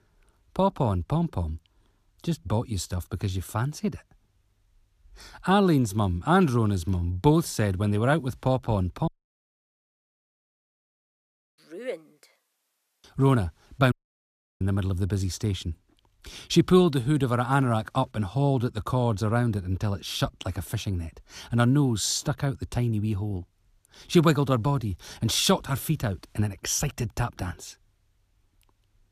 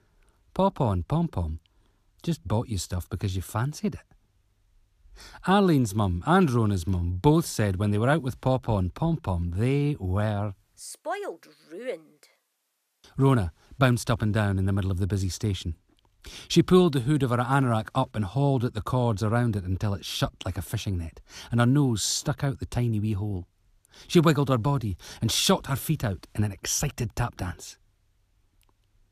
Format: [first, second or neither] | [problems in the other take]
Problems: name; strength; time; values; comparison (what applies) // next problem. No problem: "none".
second | audio cutting out; at 9 s for 2.5 s and at 14 s for 0.5 s